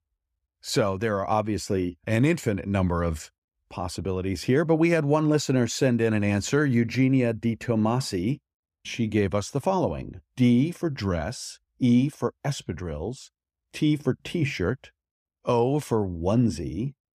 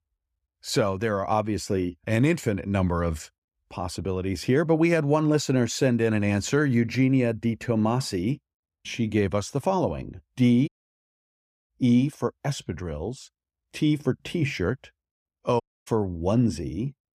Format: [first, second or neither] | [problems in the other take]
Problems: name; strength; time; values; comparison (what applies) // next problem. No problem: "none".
first | audio cutting out; at 11 s for 1 s and at 16 s